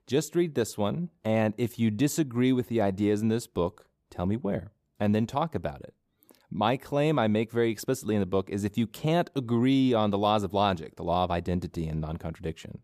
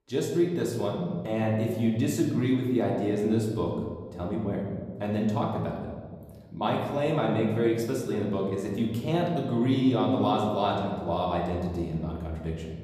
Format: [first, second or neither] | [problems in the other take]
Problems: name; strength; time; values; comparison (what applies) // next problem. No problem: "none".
first | off-mic speech; far // room echo; noticeable; dies away in 1.6 s